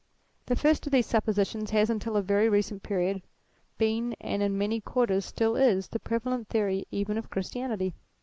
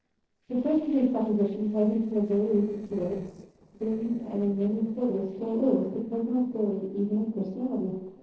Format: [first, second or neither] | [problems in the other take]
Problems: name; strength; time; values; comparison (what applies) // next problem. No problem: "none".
first | noise reduction (neural separator model SepFormer DNS4)